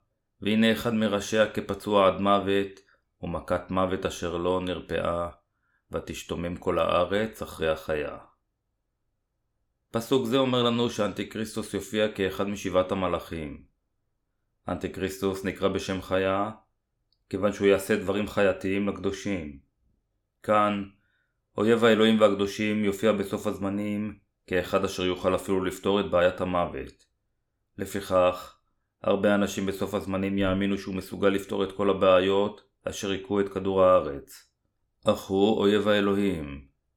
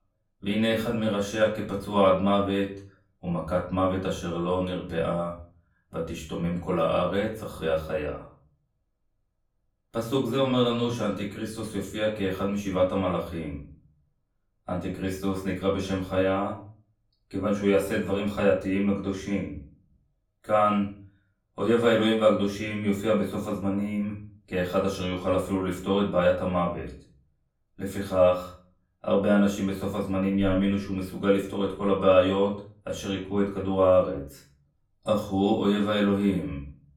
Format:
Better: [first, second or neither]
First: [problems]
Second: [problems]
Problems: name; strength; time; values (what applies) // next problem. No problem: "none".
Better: first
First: none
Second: off-mic speech; far // room echo; slight; dies away in 0.5 s